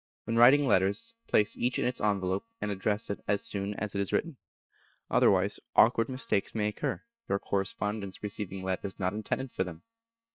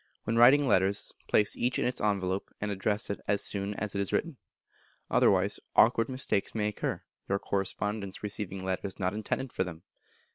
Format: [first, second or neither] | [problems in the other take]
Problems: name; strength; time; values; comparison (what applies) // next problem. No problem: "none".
second | noise reduction (neural mask model DeepFilterNet 3)